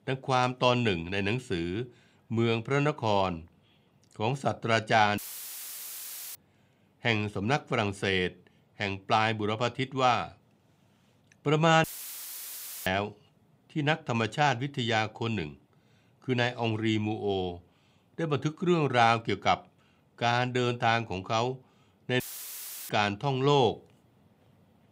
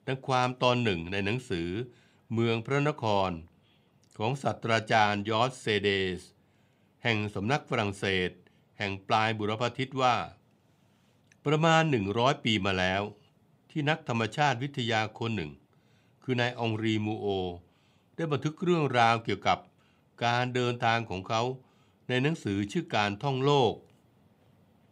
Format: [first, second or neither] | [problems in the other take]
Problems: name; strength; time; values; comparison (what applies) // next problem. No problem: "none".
second | audio cutting out; filled with static; at 5 s for 1 s, at 12 s for 1 s and at 22 s for 0.5 s